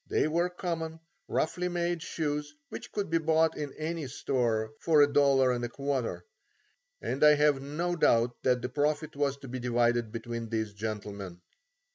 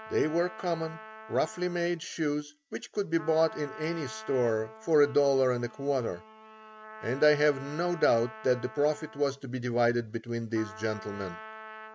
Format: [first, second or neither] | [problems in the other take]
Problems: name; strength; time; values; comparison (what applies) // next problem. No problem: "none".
first | background sound (Trumpet); 17 dB below the speech